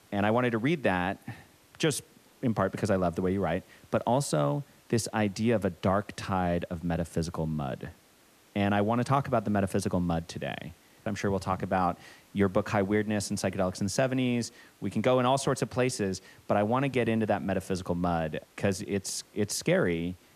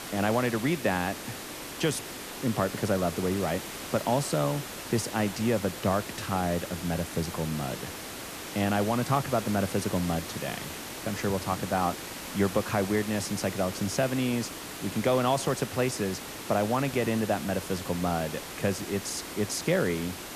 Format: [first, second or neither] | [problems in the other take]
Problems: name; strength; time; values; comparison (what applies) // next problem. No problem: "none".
first | hiss; loud; throughout; 8 dB below the speech; faint in the first